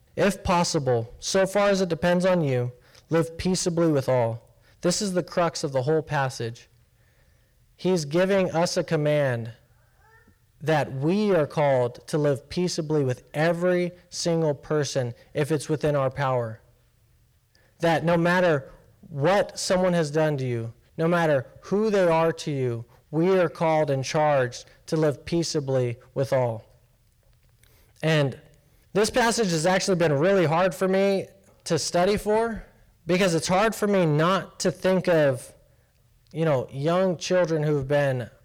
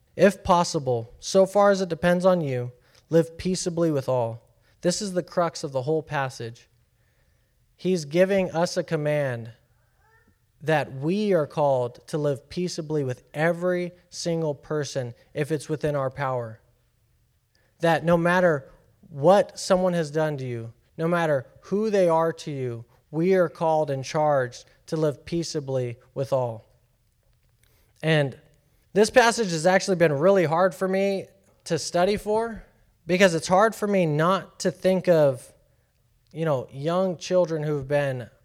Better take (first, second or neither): second